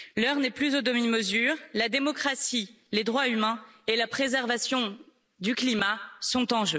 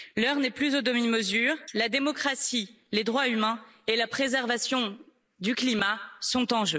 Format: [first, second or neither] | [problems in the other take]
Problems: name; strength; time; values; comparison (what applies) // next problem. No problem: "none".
first | noise reduction (neural mask model Resemble Enhance denoiser)